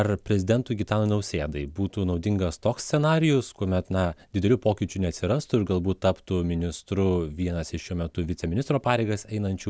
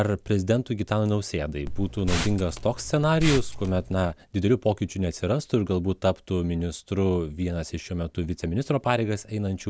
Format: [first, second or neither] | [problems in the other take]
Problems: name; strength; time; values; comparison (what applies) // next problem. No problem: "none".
first | background sound (Liquid); 5 dB below the speech